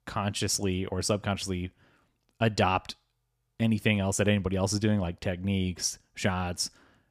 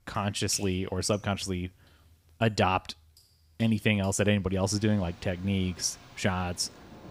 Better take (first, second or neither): first